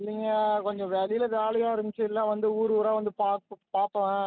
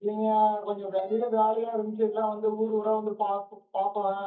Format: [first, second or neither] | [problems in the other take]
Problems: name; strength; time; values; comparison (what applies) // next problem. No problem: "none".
first | noise reduction (neural mask model DeepFilterNet 3)